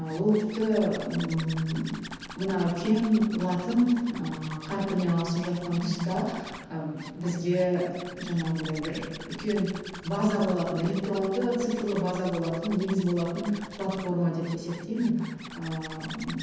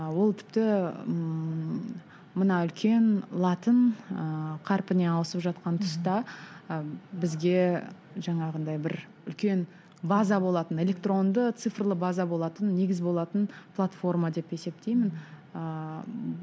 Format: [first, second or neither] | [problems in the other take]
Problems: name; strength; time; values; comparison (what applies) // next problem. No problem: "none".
second | background sound (Zipper (clothing)); 15 dB below the speech // room echo; dies away in 1.1 s